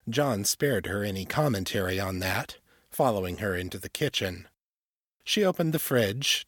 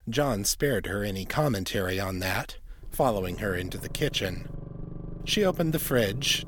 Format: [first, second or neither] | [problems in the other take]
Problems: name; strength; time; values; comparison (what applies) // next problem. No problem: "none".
first | low rumble; faint; throughout; 20 dB below the speech